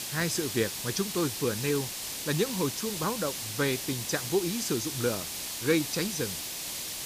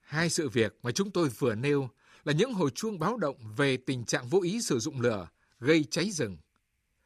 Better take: second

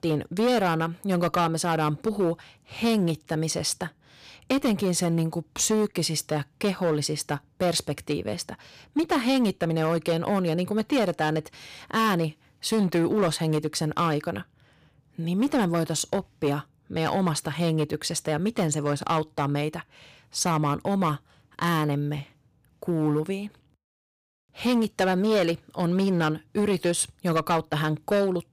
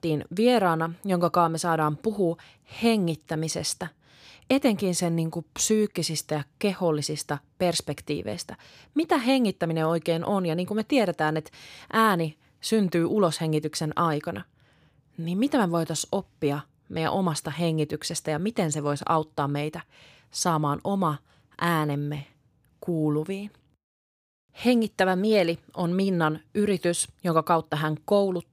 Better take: second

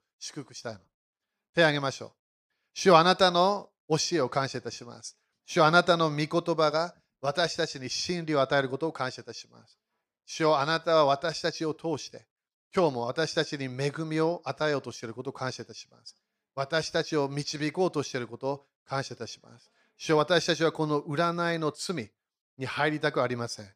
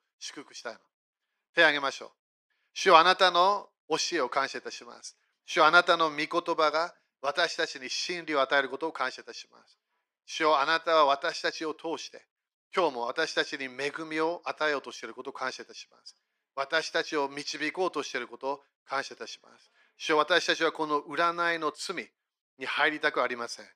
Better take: first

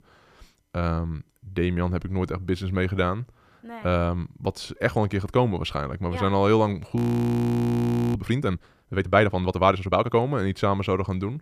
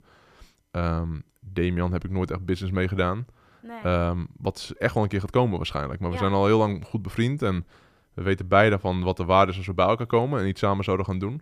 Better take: second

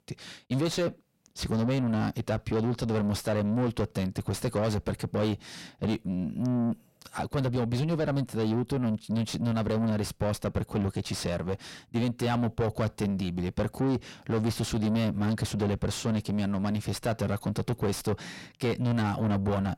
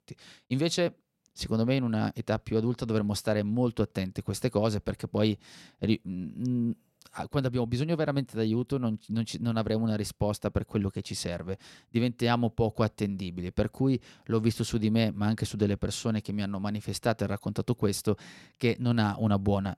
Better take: second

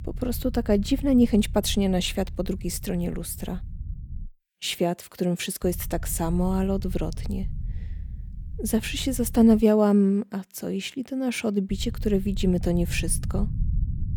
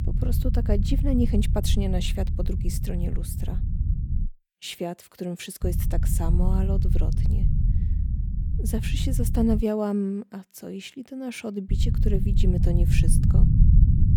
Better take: first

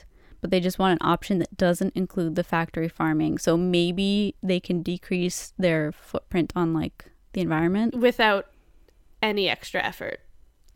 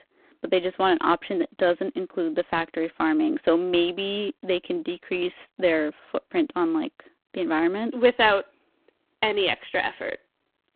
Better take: first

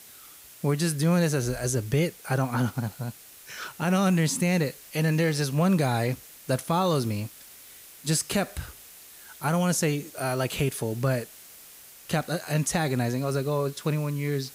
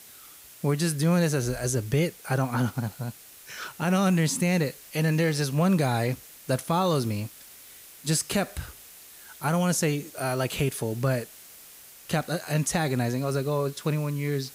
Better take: neither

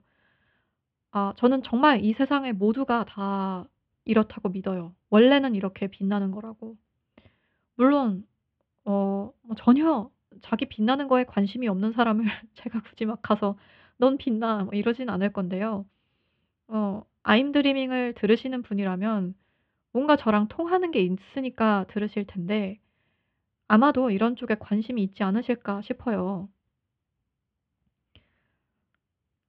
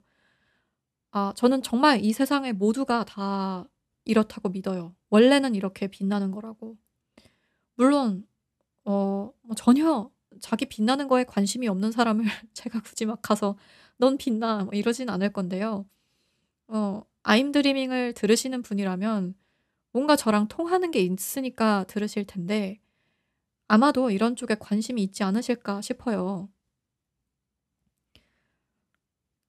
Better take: second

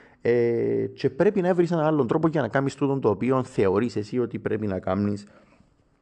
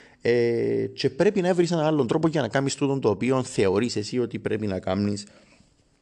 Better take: second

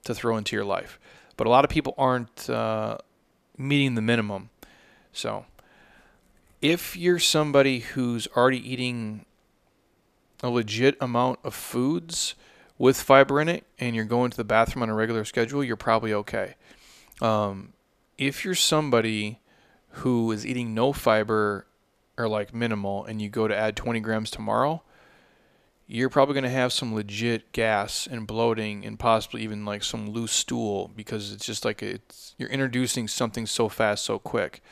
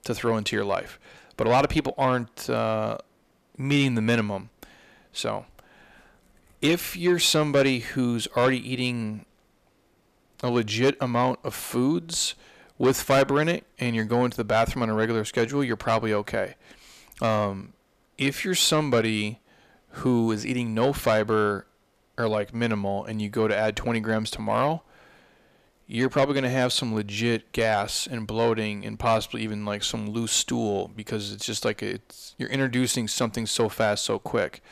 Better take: first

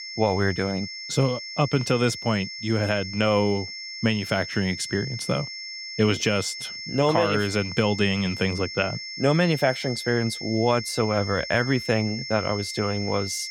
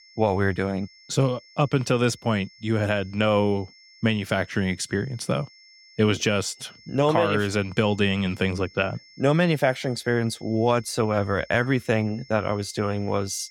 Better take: second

